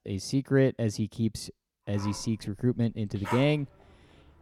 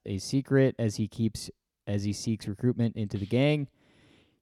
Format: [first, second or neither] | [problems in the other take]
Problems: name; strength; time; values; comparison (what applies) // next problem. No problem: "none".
second | animal sounds; noticeable; from 2 s on; 10 dB below the speech